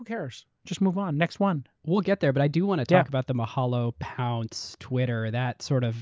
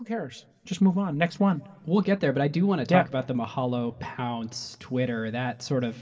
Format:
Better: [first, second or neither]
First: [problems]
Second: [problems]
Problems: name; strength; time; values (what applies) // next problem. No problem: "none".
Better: first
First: none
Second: room echo; dies away in 1.9 s